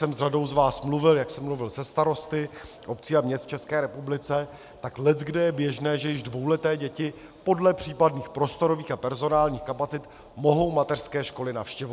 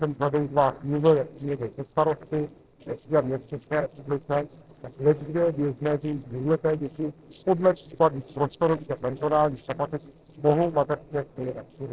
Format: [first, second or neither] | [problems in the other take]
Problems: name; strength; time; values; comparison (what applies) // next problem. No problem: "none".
first | noise reduction (neural separator model SepFormer DNS4)